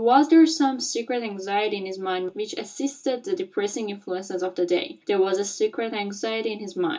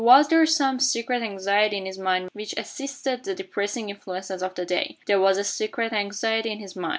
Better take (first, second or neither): second